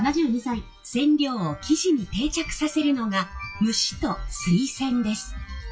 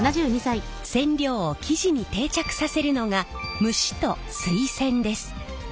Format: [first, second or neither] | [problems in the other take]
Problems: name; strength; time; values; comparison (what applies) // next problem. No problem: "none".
second | noise reduction (classical method WPE with log-MMSE)